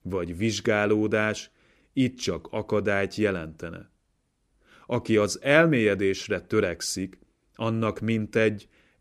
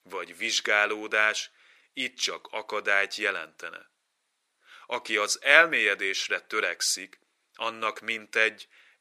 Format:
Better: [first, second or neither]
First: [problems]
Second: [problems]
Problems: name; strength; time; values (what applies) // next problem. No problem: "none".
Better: first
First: none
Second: thin; very; fading below 900 Hz